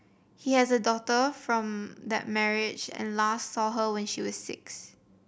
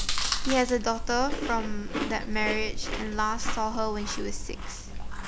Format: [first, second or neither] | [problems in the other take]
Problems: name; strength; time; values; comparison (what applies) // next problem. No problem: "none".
first | background sound (Chewing, mastication); as loud as the speech